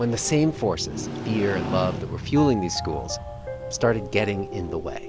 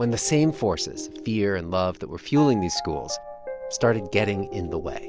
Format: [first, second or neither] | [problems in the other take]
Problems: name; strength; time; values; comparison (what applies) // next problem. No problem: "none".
second | background sound (Motorcycle); 9 dB below the speech